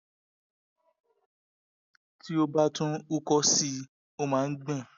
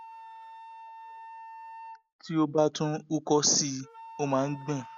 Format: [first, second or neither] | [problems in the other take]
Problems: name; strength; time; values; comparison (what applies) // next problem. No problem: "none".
first | background sound (Wind instrument, woodwind instrument); 17 dB below the speech